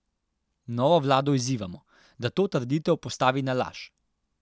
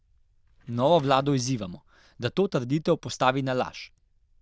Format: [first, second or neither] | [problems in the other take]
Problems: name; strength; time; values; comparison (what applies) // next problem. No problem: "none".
first | noise reduction (neural diffusion model UNIVERSE++)